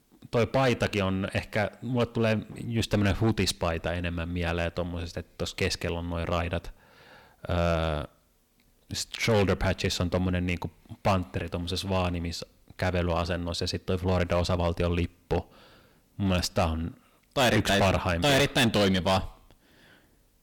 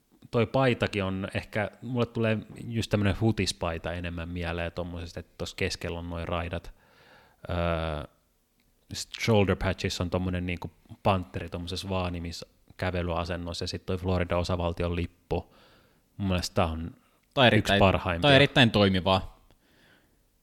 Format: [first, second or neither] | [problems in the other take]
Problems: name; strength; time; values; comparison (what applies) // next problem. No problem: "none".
second | distortion; heavy; 8% of the sound clipped